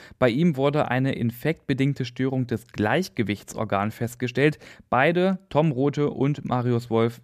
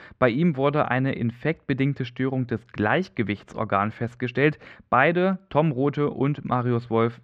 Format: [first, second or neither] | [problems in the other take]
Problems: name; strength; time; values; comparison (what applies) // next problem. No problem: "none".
first | muffled; slightly; fading above 2.5 kHz